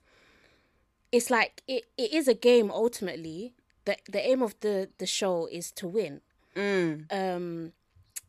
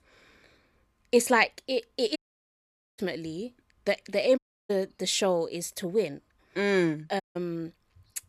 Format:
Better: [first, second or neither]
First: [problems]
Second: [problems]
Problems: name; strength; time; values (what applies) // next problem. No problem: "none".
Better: first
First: none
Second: audio cutting out; at 2 s for 1 s, at 4.5 s and at 7 s